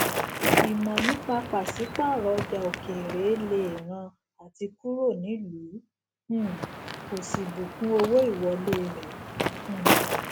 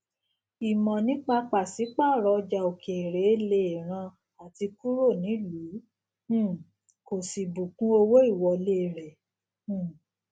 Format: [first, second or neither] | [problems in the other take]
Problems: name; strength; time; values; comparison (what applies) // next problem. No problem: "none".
second | background sound (Walk, footsteps); 1 dB below the speech